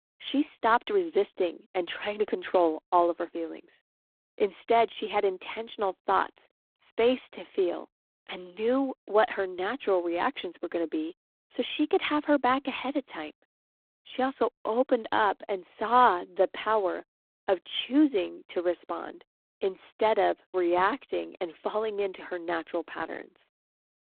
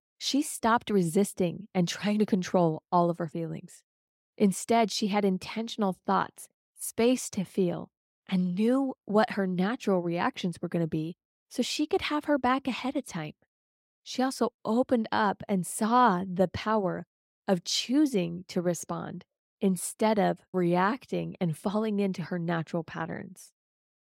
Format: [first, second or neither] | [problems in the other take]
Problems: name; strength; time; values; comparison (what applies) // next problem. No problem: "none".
second | phone-call audio; poor line